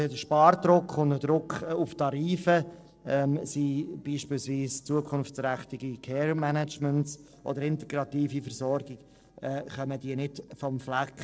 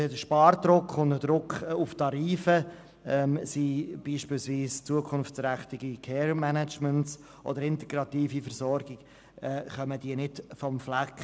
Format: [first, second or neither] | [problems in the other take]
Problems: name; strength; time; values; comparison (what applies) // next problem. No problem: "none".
second | noise reduction (neural separator model SepFormer DNS4)